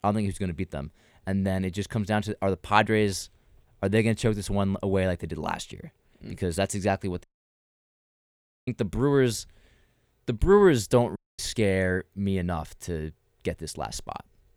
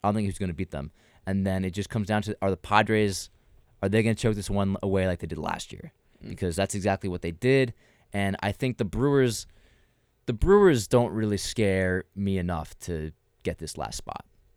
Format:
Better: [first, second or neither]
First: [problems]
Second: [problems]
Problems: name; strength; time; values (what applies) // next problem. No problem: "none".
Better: second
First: audio cutting out; at 7 s for 1.5 s and at 11 s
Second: none